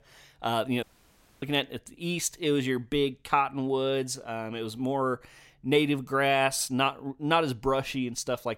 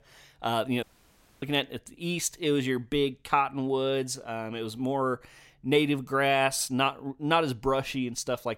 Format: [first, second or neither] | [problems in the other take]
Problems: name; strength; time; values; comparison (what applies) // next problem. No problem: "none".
neither | audio cutting out; at 1 s for 0.5 s; the same in both